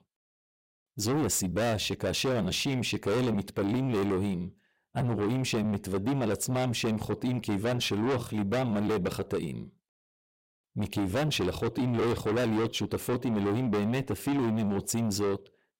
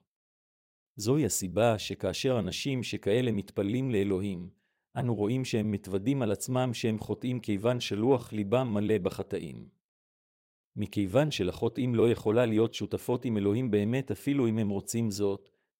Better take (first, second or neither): second